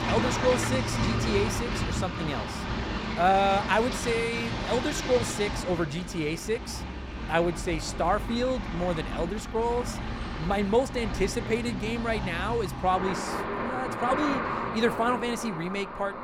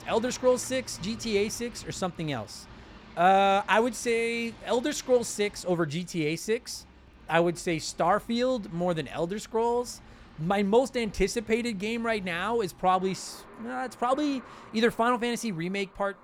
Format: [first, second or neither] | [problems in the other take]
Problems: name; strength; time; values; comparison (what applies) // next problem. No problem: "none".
second | traffic noise; loud; throughout; 4 dB below the speech; faint in the second